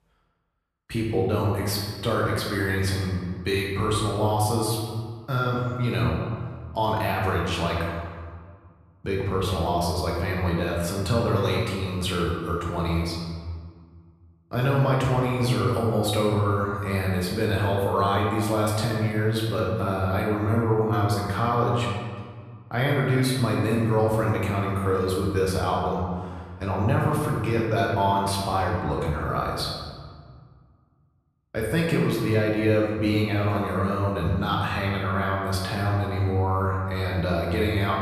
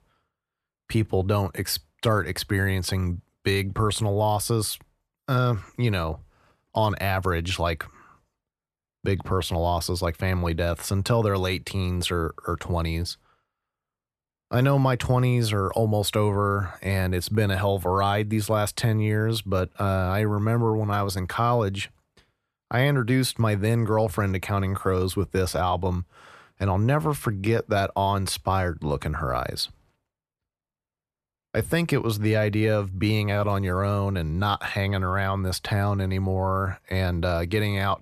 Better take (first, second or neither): second